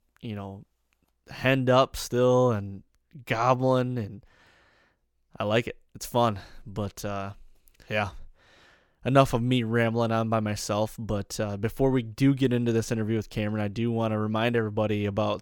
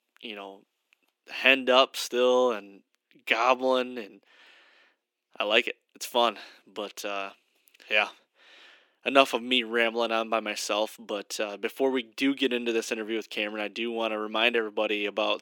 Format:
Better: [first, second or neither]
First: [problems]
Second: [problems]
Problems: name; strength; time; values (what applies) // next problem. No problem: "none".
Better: first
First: none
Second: thin; somewhat; fading below 250 Hz